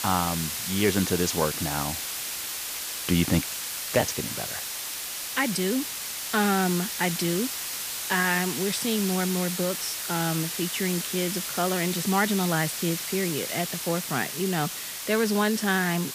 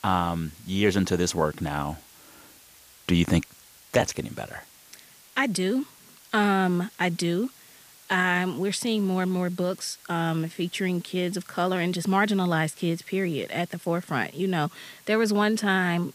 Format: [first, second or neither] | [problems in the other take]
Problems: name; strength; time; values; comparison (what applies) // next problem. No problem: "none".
second | hiss; loud; throughout; 3 dB below the speech; faint in the second